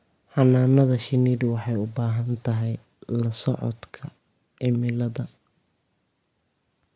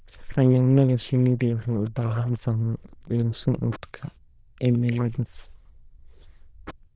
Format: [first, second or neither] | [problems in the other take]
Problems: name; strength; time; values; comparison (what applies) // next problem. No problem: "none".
first | noise reduction (neural diffusion model UNIVERSE++)